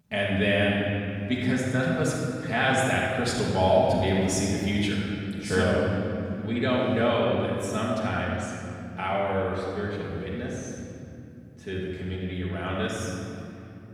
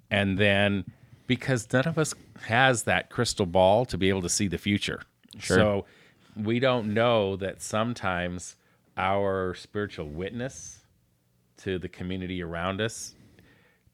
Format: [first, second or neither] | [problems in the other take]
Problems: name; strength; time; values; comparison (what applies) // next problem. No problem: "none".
second | off-mic speech; far // room echo; strong; dies away in 2.9 s